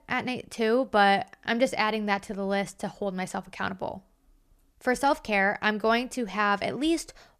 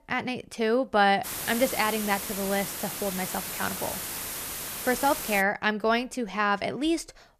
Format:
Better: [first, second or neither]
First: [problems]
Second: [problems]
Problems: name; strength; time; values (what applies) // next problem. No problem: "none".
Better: first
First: none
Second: hiss; loud; from 1 to 5.5 s; 5 dB below the speech